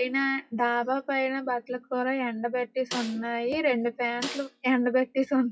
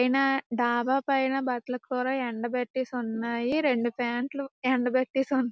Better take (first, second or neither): second